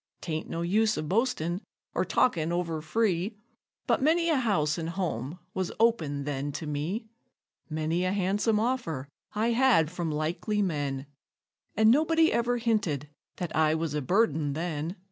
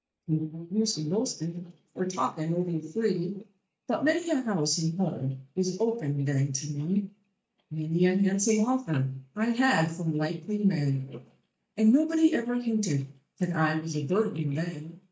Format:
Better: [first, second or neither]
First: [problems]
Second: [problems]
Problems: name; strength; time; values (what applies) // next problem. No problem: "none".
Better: first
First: none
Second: noise reduction (neural mask model DeepFilterNet 3)